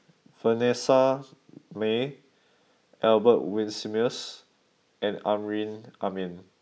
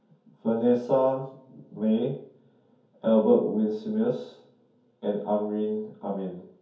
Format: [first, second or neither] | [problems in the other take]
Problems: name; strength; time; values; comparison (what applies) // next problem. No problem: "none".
first | room echo; dies away in 0.6 s